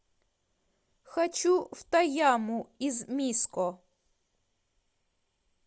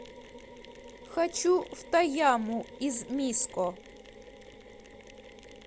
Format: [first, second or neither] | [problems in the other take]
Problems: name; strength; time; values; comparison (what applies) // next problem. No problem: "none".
first | background sound (Mechanisms); 17 dB below the speech